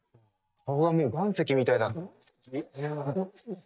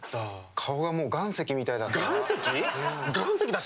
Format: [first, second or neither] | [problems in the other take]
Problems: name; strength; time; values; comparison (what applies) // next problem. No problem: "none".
second | noise reduction (neural mask model DeepFilterNet 3)